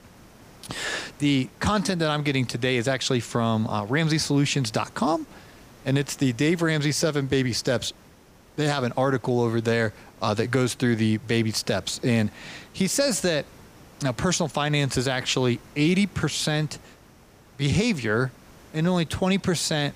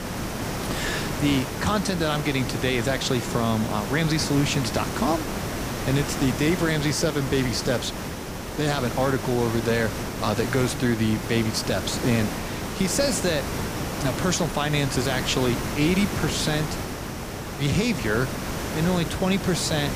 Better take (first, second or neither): first